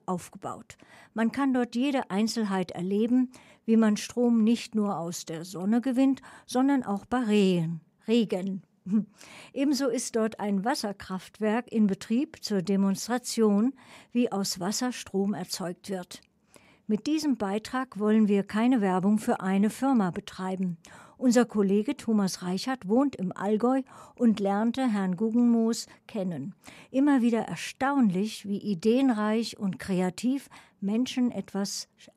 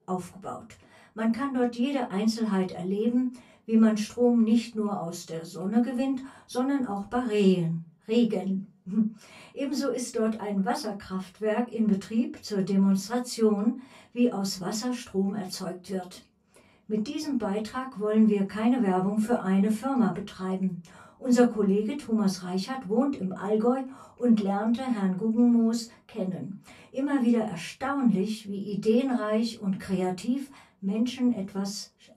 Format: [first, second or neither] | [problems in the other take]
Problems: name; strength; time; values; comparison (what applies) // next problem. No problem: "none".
first | off-mic speech; far // room echo; very slight; dies away in 0.2 s